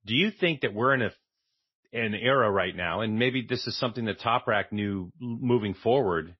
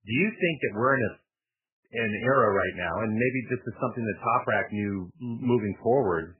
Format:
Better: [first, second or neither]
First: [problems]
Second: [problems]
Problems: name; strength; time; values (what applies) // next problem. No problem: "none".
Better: first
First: garbled, watery; slightly; nothing above 5.5 kHz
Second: garbled, watery; badly; nothing above 3 kHz